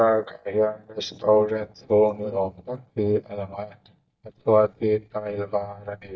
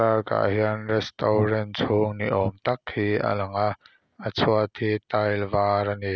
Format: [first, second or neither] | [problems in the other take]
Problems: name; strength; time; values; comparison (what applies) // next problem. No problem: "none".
second | noise reduction (neural mask model DeepFilterNet 3)